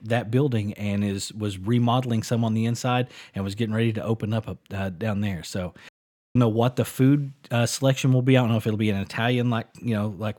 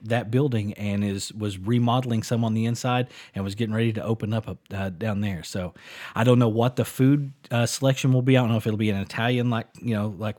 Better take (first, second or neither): second